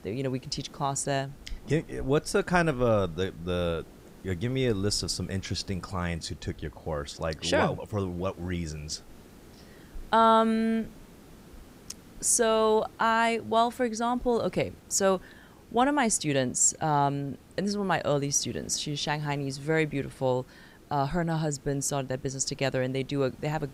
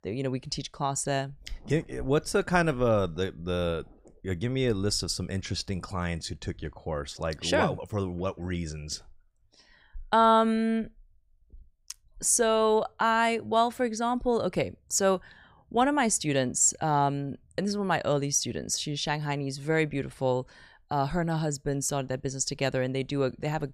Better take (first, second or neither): second